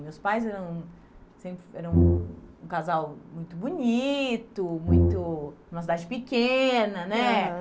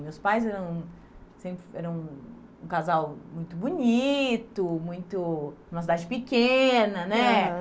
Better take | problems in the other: second | background sound (Brass instrument); 5 dB above the speech

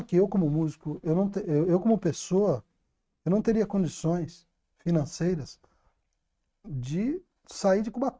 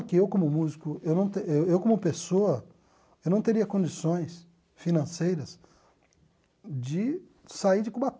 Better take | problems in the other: second | noise reduction (neural mask model RNNoise)

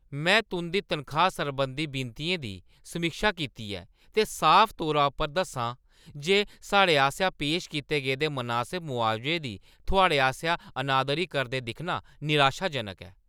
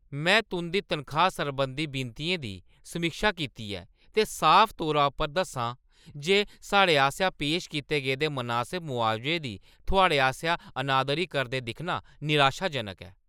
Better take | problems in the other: first | noise reduction (neural mask model Resemble Enhance denoiser)

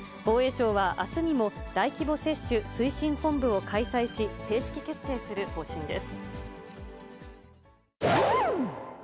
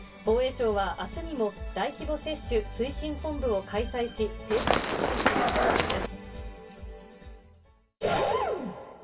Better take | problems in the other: first | background sound (Run); 5 dB above the speech // room echo; dies away in 0.1 s

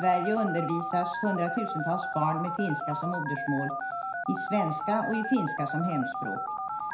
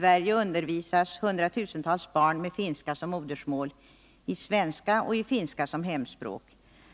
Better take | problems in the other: second | background sound (Telephone); 3 dB below the speech // room echo; dies away in 0.5 s

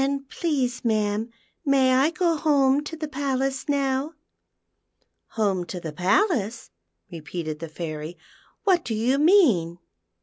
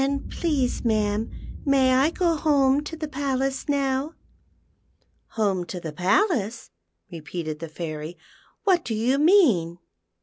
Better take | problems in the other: first | background sound (Boom); 15 dB below the speech

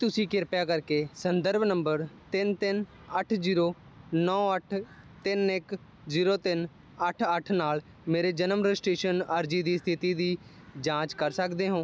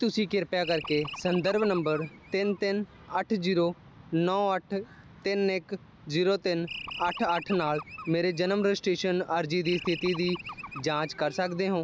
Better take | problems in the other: first | background sound (Animal); 13 dB below the speech

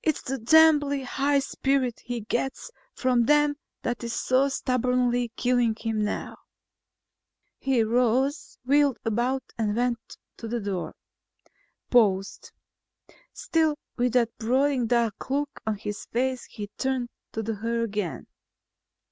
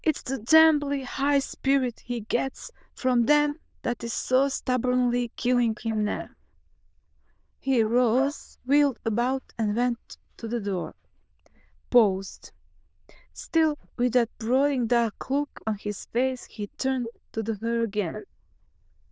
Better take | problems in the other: first | noise reduction (neural diffusion model UNIVERSE++)

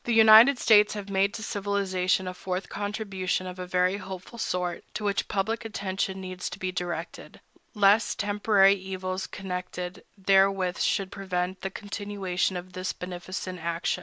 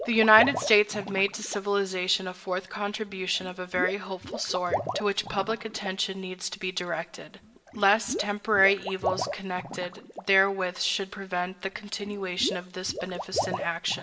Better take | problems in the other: first | background sound (Water / Liquid); 9 dB below the speech // room echo; dies away in 0.5 s

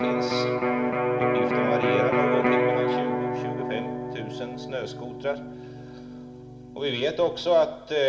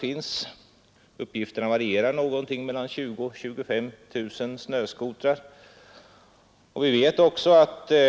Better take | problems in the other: second | background sound (Electric guitar); 3 dB above the speech // room echo; dies away in 0.7 s

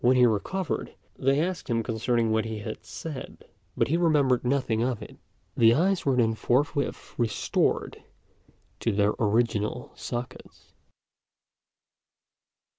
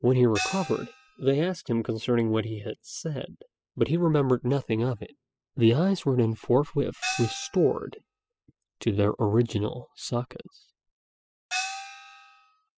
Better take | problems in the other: first | noise reduction (classical method spectral subtraction)

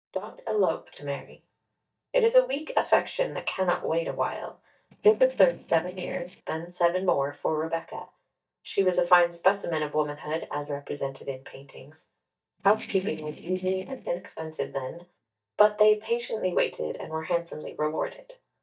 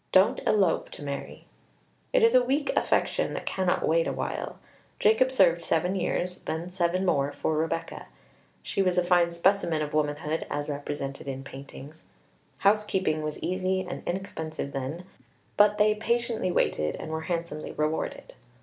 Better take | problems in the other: second | noise reduction (neural mask model DeepFilterNet 3)

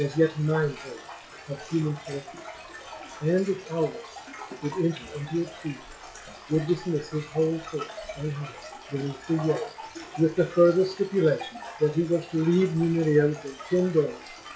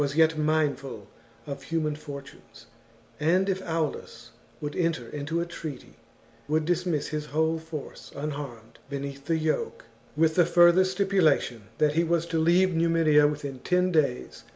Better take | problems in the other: second | noise reduction (classical method log-MMSE)

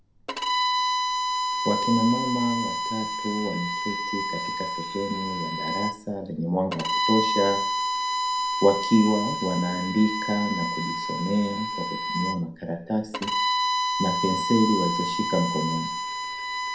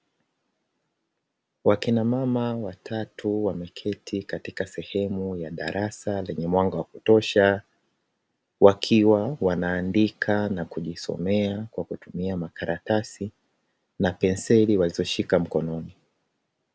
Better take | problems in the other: second | background sound (Bowed string instrument); 1 dB below the speech // room echo; dies away in 0.4 s

